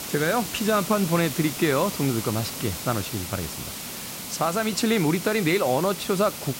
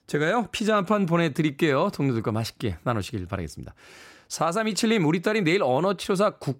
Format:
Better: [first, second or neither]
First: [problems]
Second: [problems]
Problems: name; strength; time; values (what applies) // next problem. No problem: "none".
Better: second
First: hiss; loud; throughout; 7 dB below the speech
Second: none